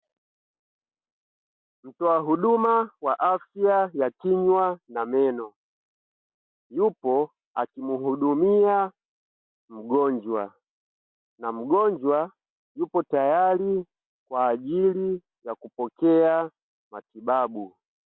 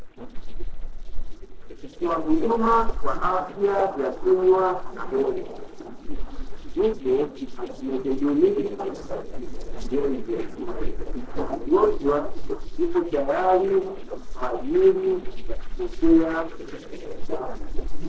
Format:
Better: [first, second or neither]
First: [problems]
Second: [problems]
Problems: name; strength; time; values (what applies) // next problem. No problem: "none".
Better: first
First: none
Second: noise reduction (neural separator model SepFormer DNS4)